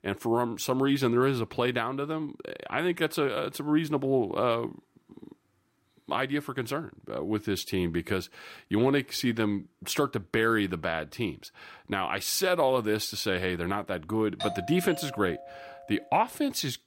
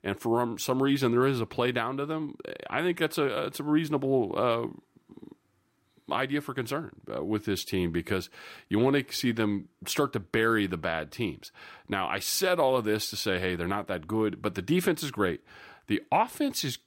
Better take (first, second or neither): second